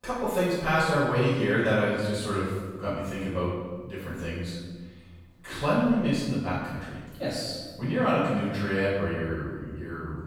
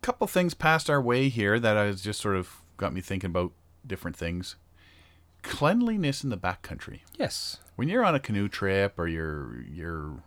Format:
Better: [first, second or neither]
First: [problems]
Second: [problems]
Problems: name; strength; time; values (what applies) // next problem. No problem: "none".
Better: second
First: off-mic speech; far // room echo; strong; dies away in 1.3 s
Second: none